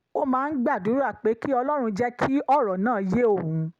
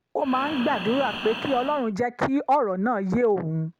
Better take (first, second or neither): first